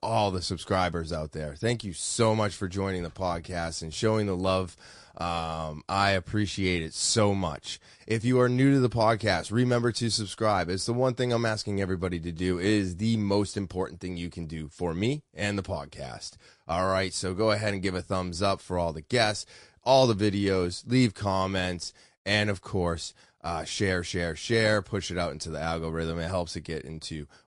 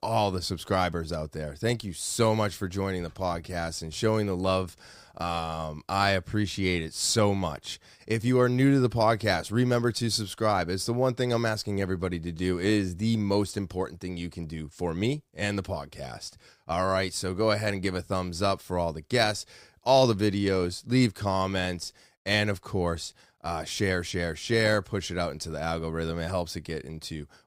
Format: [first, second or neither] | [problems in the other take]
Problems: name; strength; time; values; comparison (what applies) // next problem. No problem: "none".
second | garbled, watery; slightly; nothing above 10 kHz